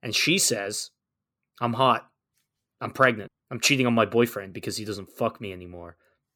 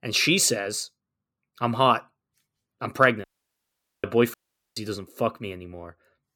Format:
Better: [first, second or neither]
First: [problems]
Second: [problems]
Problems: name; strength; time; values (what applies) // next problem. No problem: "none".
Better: first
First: none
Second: audio cutting out; at 3 s for 1 s and at 4.5 s